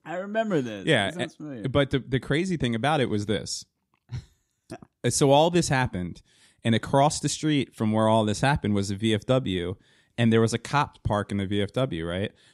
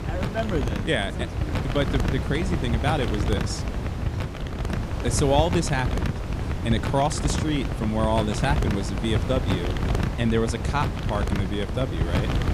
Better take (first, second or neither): first